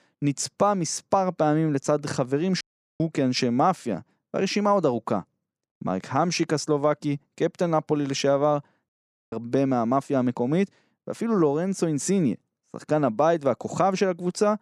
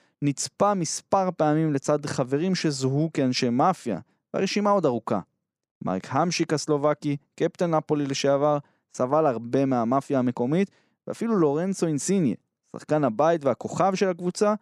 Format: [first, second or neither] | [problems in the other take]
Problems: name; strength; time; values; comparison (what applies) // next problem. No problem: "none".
second | audio cutting out; at 2.5 s and at 9 s